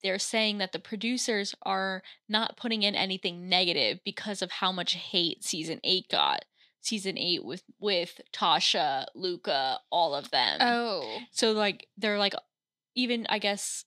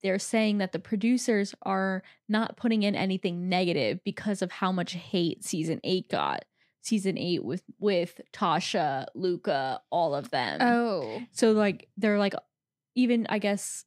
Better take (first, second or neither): second